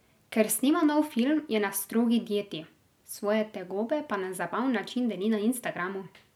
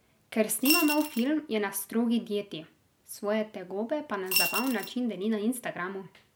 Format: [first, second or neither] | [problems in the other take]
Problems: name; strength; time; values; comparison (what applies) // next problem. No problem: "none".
first | background sound (Coin (dropping) / Glass); 1 dB below the speech